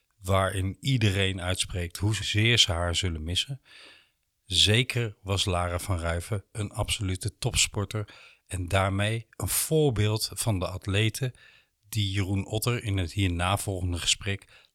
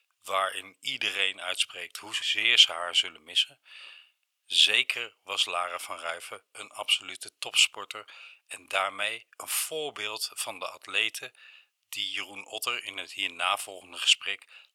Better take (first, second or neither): first